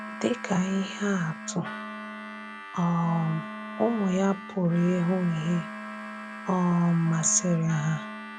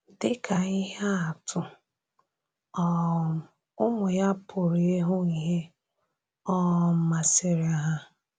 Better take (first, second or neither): second